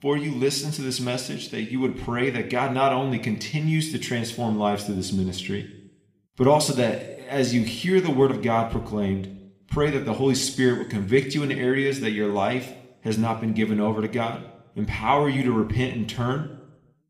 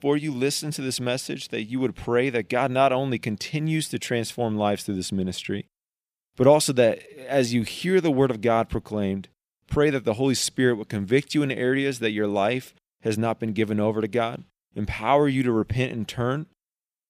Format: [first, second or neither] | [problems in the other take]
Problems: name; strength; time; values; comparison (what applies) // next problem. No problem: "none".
second | room echo; slight; dies away in 0.6 s